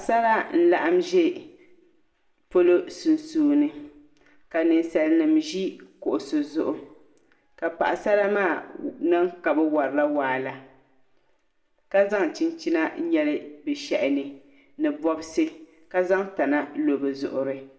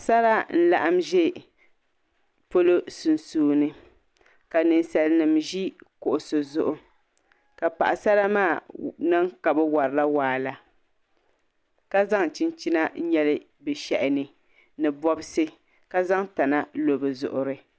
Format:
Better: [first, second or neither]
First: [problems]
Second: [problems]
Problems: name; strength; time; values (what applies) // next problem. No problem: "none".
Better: second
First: room echo; dies away in 0.5 s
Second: none